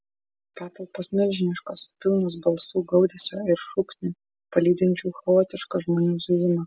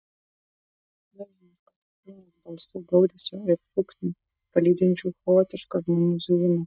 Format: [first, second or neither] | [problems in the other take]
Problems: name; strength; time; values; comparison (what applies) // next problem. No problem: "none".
first | noise reduction (neural mask model DeepFilterNet 3)